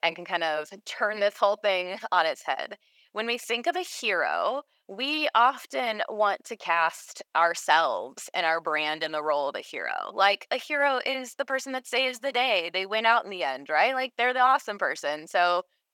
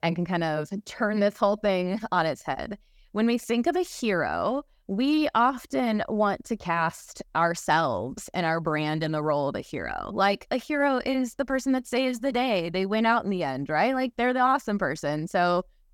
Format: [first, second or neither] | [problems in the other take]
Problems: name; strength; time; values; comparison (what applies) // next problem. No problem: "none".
second | thin; very; fading below 650 Hz